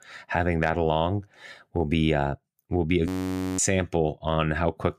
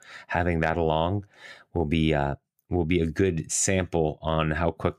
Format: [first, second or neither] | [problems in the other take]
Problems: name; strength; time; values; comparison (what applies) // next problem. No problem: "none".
second | audio freezing; at 3 s for 0.5 s